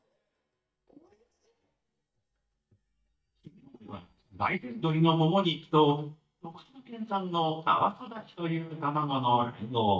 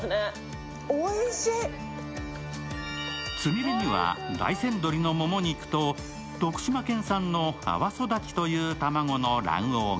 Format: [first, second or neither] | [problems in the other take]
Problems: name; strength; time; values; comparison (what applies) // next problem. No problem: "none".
second | noise reduction (neural mask model DeepFilterNet 3)